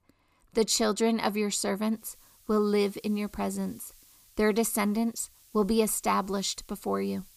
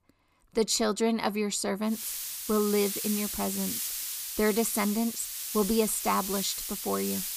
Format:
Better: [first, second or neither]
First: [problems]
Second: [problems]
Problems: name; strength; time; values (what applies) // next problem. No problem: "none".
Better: first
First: hiss; faint; from 2 s on; 25 dB below the speech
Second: hiss; loud; from 2 s on; 4 dB below the speech